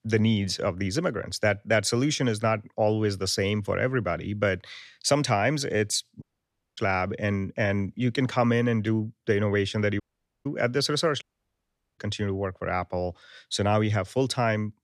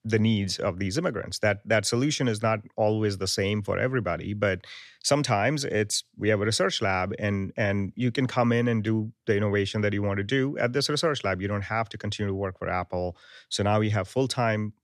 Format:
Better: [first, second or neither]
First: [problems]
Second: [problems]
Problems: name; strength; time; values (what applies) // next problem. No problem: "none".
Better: second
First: audio cutting out; at 6 s for 0.5 s, at 10 s and at 11 s for 1 s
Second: none